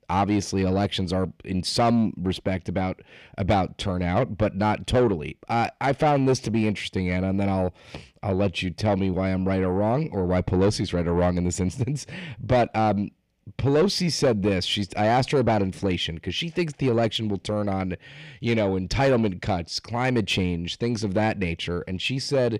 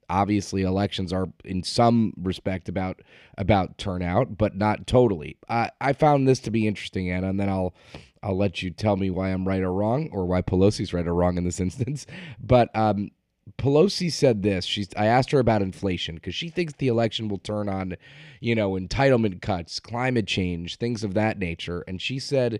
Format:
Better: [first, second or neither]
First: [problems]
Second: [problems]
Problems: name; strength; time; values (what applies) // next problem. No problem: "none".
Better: second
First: distortion; slight; 10 dB below the speech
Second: none